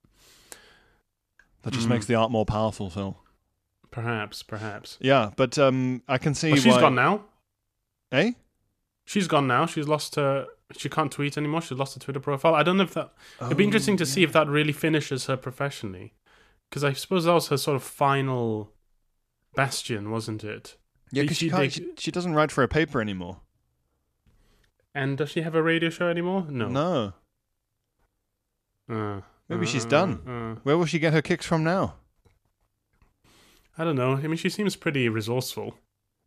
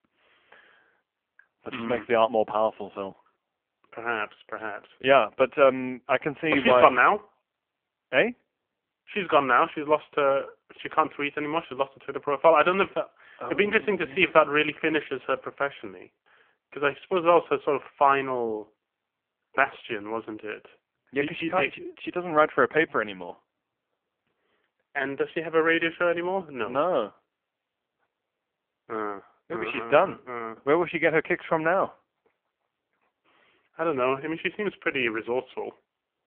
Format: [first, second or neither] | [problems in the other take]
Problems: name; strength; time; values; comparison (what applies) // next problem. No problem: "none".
first | phone-call audio; poor line; nothing above 3 kHz